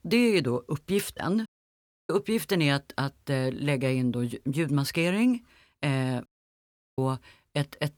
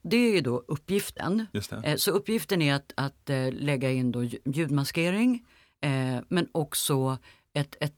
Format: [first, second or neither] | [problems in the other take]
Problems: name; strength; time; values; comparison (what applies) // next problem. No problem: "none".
second | audio cutting out; at 1.5 s for 0.5 s and at 6.5 s for 0.5 s